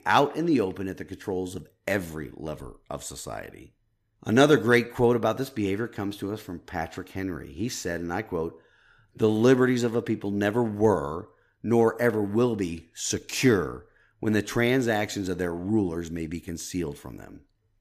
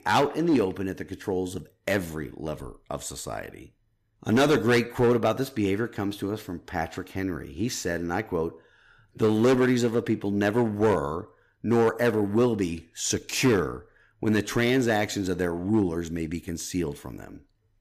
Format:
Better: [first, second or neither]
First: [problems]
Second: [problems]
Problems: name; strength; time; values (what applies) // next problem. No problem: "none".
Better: first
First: none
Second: distortion; slight; 4% of the sound clipped